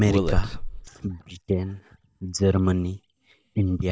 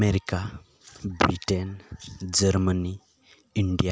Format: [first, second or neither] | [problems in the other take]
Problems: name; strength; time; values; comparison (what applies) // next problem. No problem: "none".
second | noise reduction (neural mask model DeepFilterNet 3)